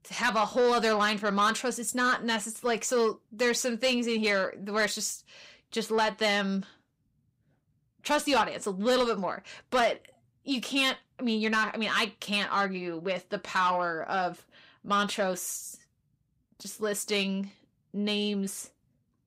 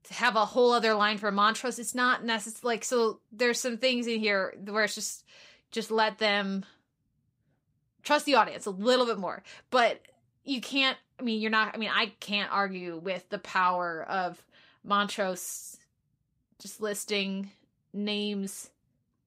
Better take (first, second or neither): second